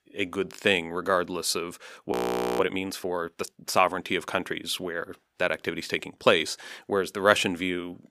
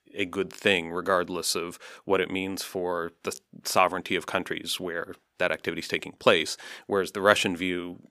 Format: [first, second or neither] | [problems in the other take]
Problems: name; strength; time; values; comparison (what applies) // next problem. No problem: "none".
second | audio freezing; at 2 s